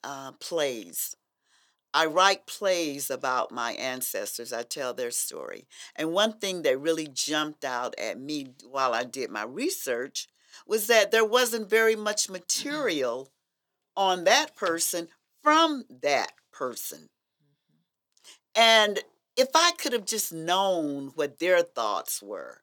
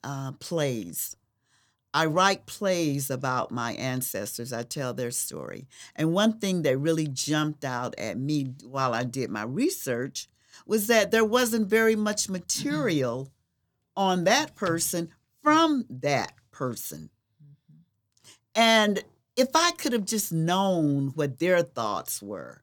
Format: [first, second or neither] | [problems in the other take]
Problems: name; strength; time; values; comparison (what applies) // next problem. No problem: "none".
second | thin; somewhat; fading below 450 Hz